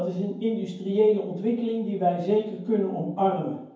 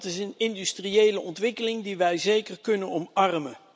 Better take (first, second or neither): second